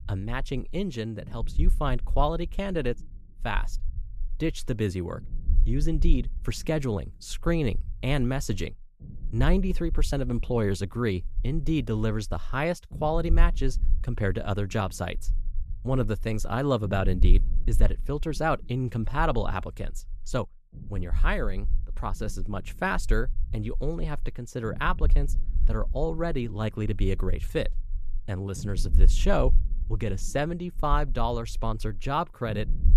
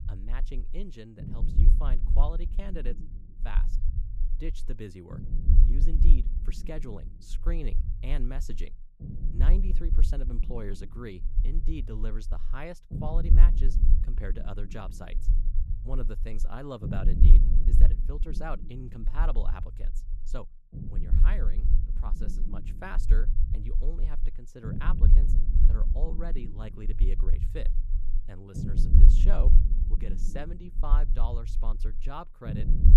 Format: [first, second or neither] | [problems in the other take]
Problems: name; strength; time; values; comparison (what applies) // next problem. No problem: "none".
first | low rumble; loud; throughout; 5 dB below the speech; faint in the first